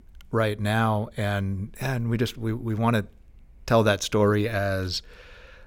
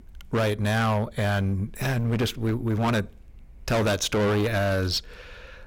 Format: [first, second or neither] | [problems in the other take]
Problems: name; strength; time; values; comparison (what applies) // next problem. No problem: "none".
first | distortion; heavy; 18% of the sound clipped